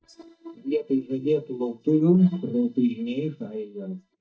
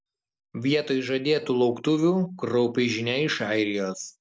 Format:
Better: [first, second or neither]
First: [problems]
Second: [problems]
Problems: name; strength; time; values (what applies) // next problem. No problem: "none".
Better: second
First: noise reduction (neural mask model DeepFilterNet 3)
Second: none